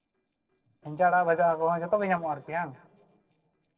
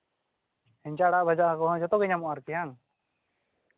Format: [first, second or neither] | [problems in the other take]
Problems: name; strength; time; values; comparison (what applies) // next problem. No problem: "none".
second | noise reduction (neural separator model SepFormer DNS4)